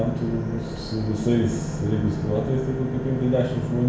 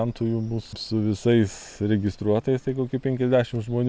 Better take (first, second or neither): second